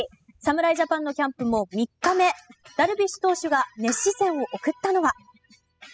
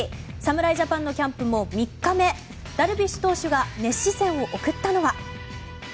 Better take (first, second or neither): second